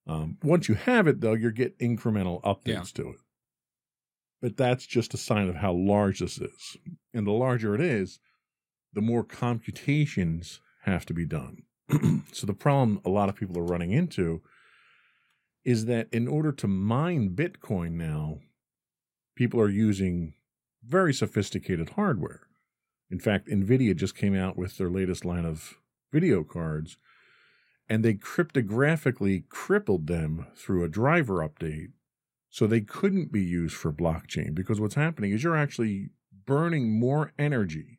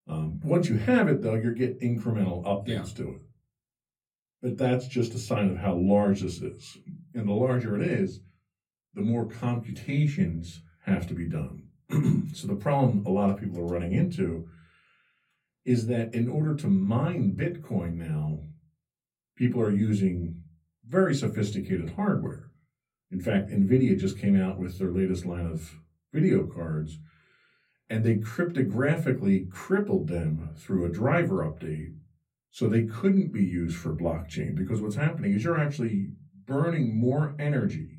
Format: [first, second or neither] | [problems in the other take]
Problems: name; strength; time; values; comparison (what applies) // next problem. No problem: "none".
first | off-mic speech; far // room echo; very slight; dies away in 0.2 s